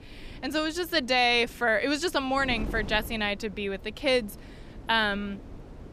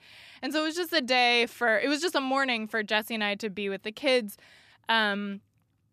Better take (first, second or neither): second